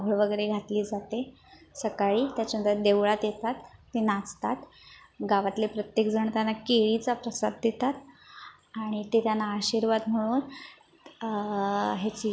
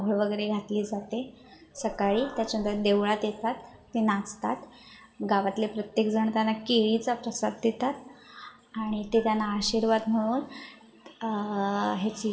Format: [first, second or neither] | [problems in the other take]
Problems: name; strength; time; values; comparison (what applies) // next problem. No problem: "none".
first | background sound (Squeak / Screech); 19 dB below the speech // room echo; dies away in 1.1 s